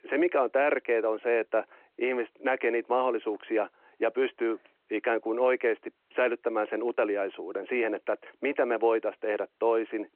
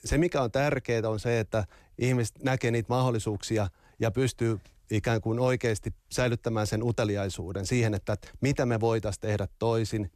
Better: second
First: phone-call audio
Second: none

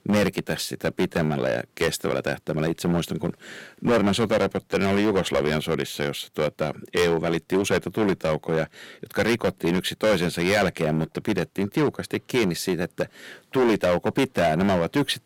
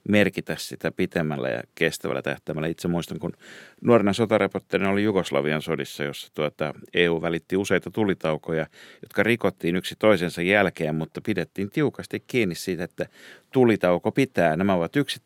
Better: second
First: distortion; heavy; 9% of the sound clipped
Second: none

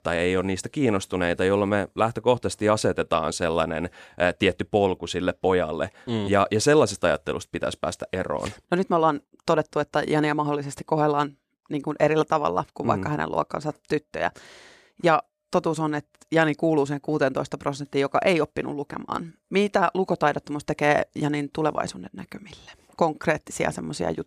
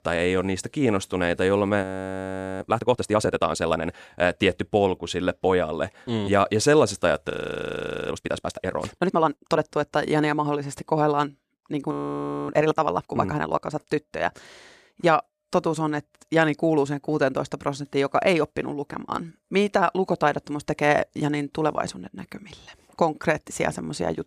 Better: first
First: none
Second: audio freezing; at 2 s for 1 s, at 7.5 s for 1 s and at 12 s for 0.5 s

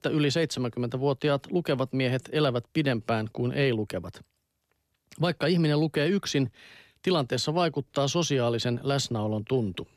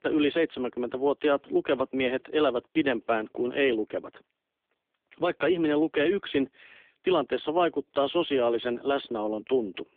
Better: first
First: none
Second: phone-call audio; poor line; nothing above 3.5 kHz

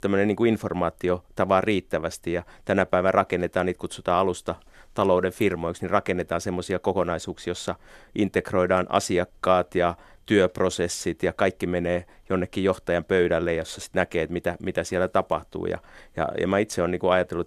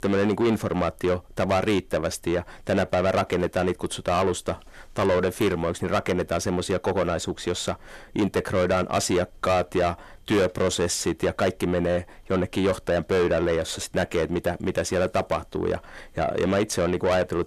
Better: first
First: none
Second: distortion; heavy; 7 dB below the speech

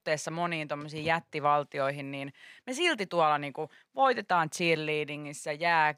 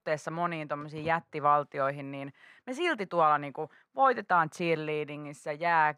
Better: first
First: none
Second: muffled; slightly; fading above 2 kHz

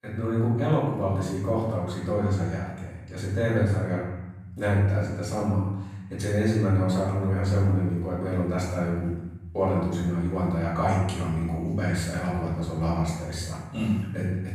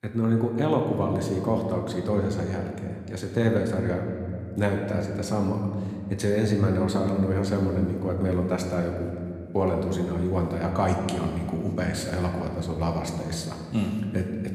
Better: second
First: room echo; strong; dies away in 1.2 s // off-mic speech; far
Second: room echo; slight; dies away in 2.1 s

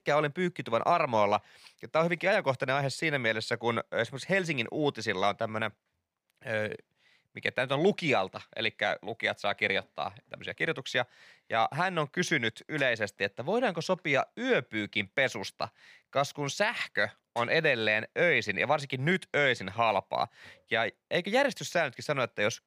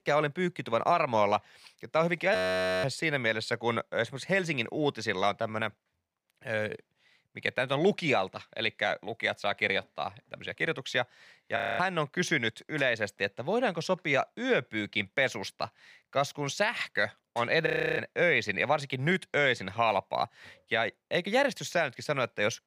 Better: first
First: none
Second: audio freezing; at 2.5 s, at 12 s and at 18 s

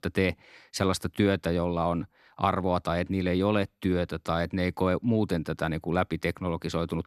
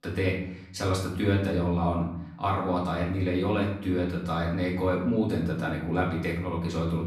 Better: first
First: none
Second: off-mic speech; far // room echo; noticeable; dies away in 0.6 s

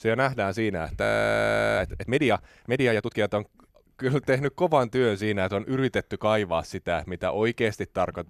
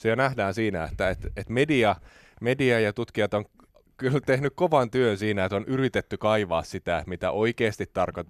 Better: second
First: audio freezing; at 1 s for 0.5 s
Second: none

